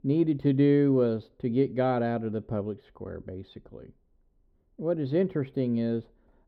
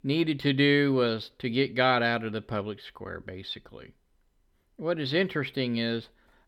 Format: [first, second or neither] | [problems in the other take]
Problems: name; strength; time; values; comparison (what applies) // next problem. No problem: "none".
second | muffled; very; fading above 1 kHz